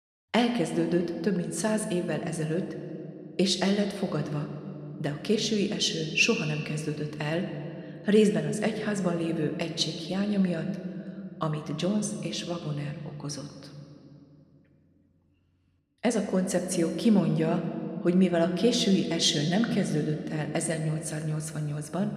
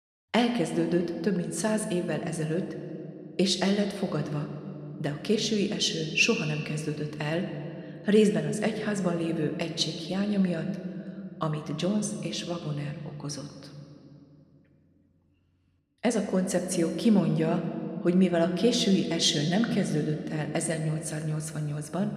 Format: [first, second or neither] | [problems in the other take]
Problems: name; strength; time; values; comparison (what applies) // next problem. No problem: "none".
neither | room echo; slight; dies away in 2 s; the same in both